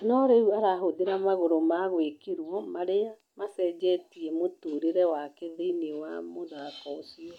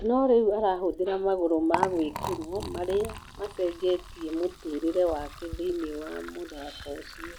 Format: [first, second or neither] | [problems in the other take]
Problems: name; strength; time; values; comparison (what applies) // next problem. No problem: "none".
first | background sound (Liquid); 11 dB below the speech